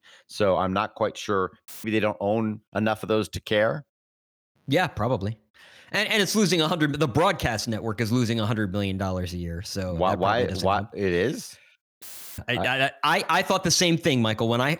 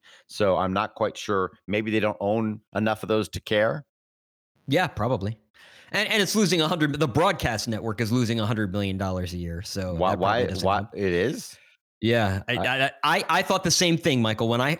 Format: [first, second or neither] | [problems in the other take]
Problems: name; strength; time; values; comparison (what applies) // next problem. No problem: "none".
second | audio cutting out; filled with static; at 1.5 s and at 12 s